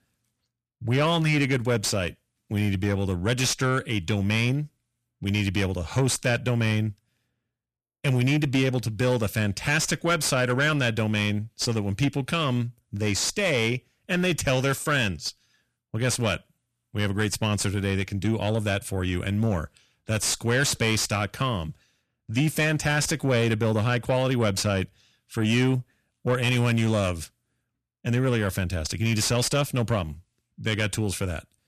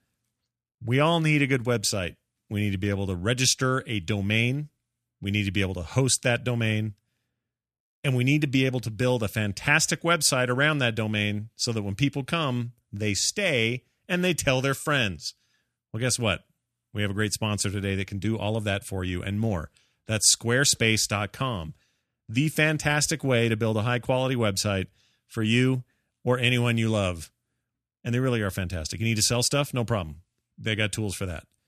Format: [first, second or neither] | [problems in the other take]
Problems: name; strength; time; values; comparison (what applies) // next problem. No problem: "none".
second | distortion; slight; 10 dB below the speech